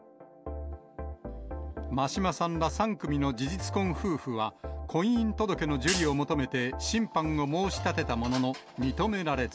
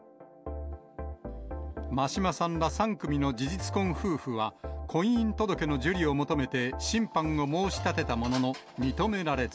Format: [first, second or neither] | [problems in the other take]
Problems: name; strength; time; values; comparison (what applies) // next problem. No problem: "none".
second | background sound (Hi-hat); 7 dB below the speech